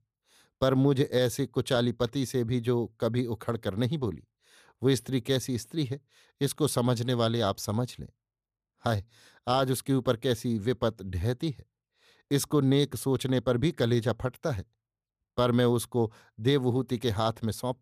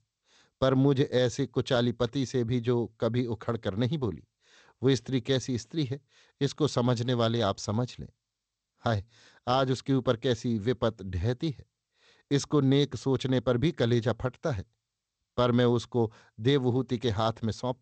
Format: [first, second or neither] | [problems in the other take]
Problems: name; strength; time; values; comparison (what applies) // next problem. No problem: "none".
first | garbled, watery; slightly; nothing above 8 kHz